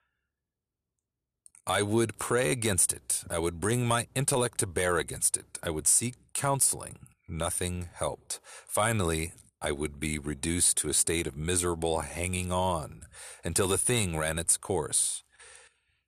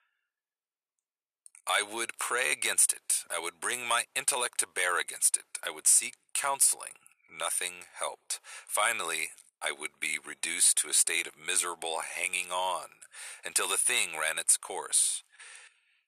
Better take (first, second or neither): first